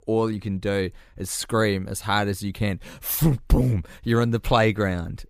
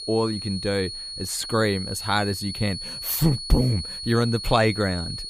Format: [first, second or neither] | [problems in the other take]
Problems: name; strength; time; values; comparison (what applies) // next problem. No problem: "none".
first | high-pitched whine; loud; throughout; 4.5 kHz, 7 dB below the speech